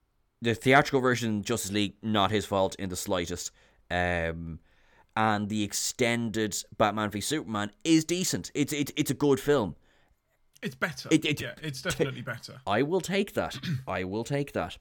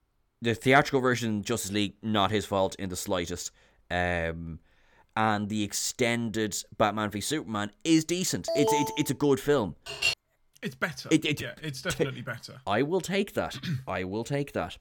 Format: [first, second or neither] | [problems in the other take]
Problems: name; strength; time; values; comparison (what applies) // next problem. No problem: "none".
first | alarm; loud; at 8.5 s; peak 2 dB above the speech // clattering dishes; loud; at 10 s; peak 1 dB above the speech